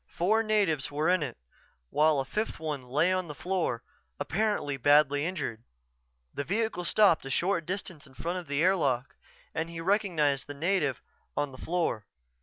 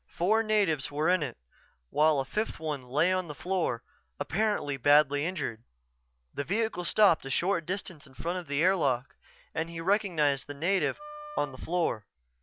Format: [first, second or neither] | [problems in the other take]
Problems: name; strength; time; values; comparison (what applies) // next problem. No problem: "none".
first | background sound (Wind instrument, woodwind instrument); 16 dB below the speech